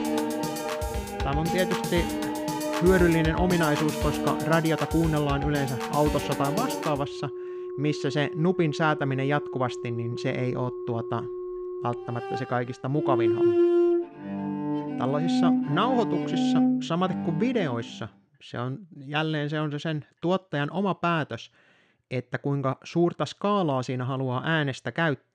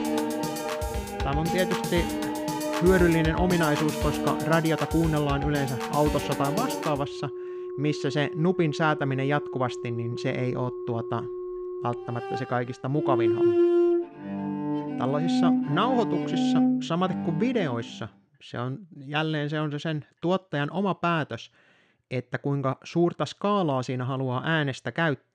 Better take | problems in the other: neither | background music; loud; until 18 s; 2 dB below the speech; the same in both

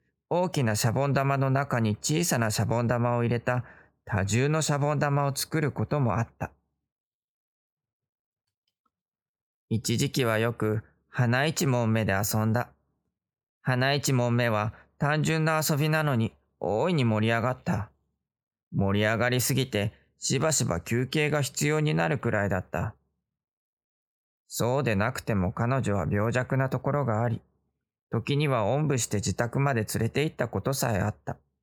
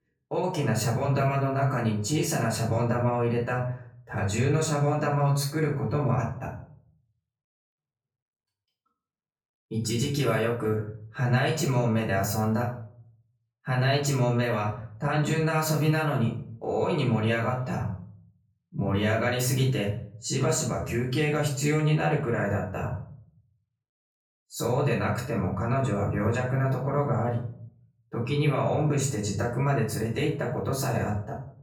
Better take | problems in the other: first | off-mic speech; far // room echo; slight; dies away in 0.4 s

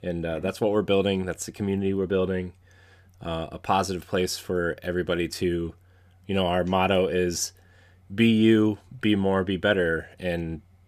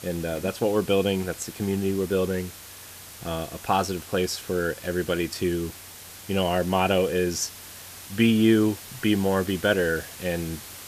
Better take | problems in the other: first | hiss; noticeable; throughout; 15 dB below the speech

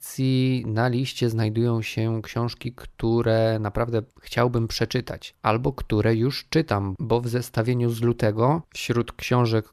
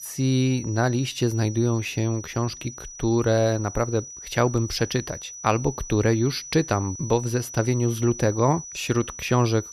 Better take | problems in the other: first | high-pitched whine; noticeable; throughout; 6 kHz, 10 dB below the speech

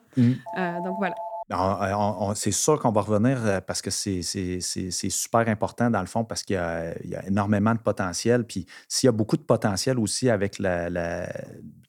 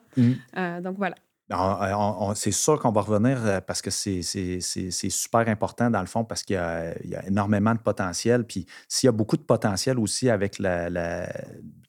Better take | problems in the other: second | phone ringing; noticeable; at 0.5 s; peak 8 dB below the speech

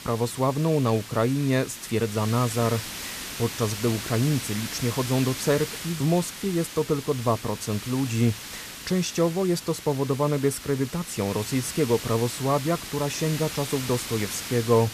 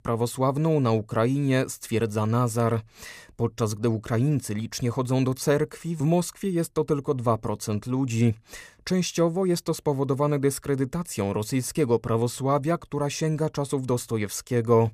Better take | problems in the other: second | hiss; loud; throughout; 9 dB below the speech

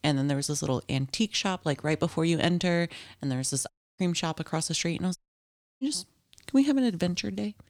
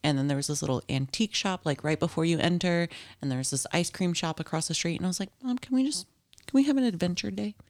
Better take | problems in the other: second | audio cutting out; at 3.5 s and at 5 s for 0.5 s

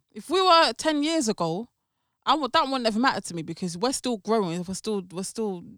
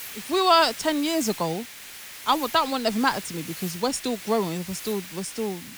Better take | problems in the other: first | hiss; noticeable; throughout; 10 dB below the speech

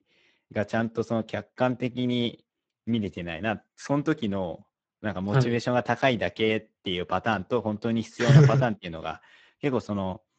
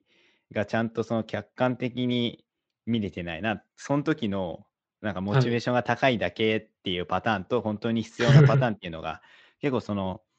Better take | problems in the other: second | garbled, watery; badly; nothing above 7.5 kHz; slightly in the second

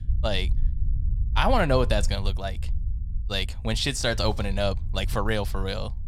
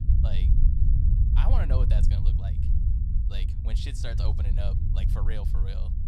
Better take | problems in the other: first | low rumble; loud; throughout; 2 dB below the speech; faint in the first

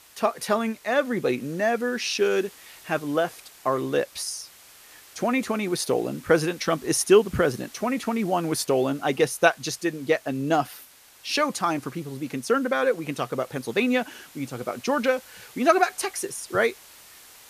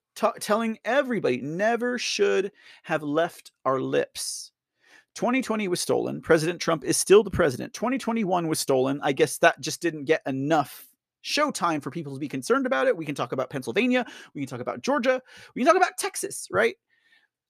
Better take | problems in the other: second | hiss; faint; throughout; 25 dB below the speech

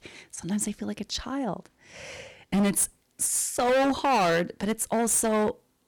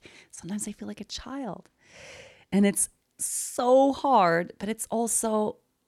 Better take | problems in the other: second | distortion; heavy; 11% of the sound clipped

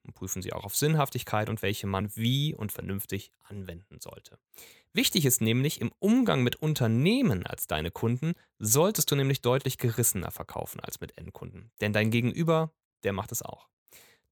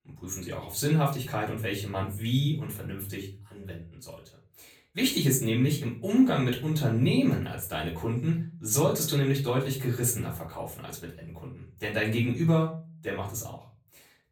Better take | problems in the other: first | off-mic speech; far // room echo; slight; dies away in 0.3 s

